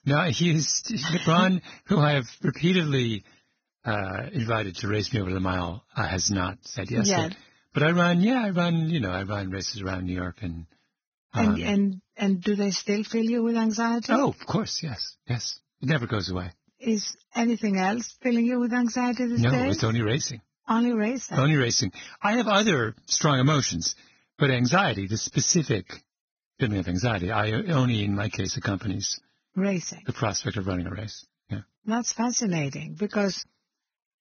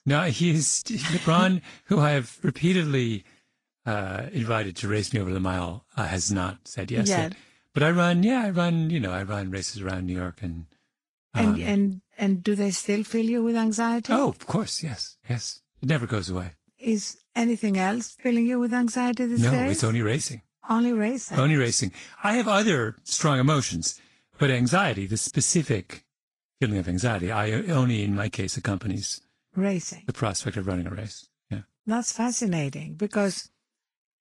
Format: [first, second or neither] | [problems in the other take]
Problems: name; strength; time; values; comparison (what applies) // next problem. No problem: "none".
second | garbled, watery; badly; nothing above 6.5 kHz; slightly in the second